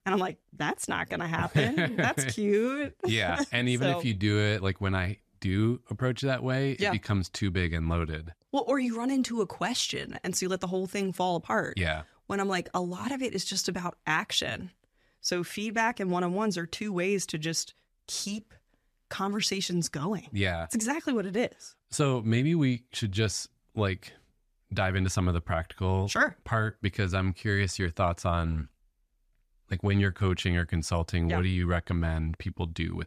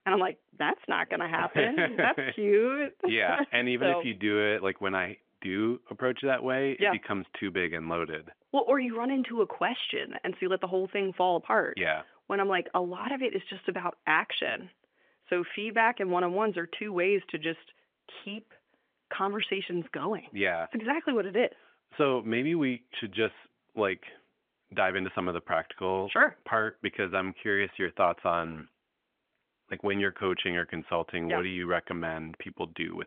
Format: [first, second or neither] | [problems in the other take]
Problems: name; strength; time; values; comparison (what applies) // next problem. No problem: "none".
first | phone-call audio; nothing above 3.5 kHz